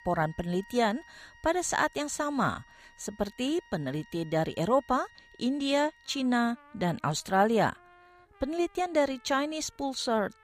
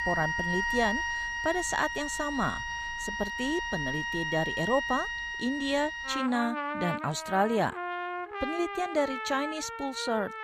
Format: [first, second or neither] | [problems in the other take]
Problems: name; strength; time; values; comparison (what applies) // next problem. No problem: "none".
first | background music; loud; throughout; 2 dB below the speech; faint in the first